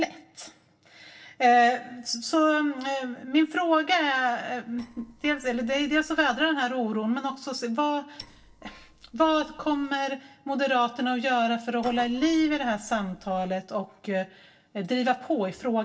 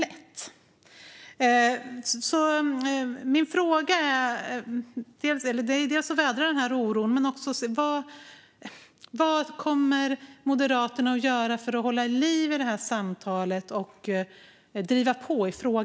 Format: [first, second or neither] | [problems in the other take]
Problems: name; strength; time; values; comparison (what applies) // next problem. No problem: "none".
second | noise reduction (neural separator model SepFormer DNS4)